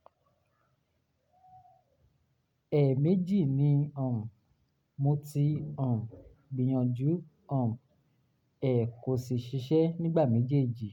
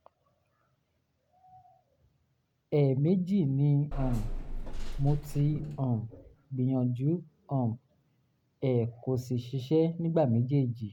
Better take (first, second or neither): first